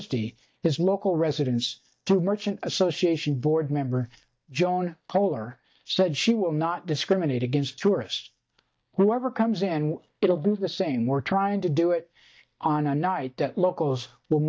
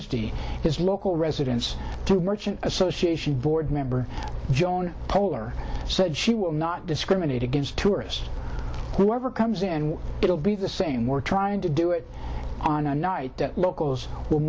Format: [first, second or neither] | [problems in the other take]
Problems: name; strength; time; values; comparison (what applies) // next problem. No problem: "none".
second | noise reduction (neural mask model DeepFilterNet 3)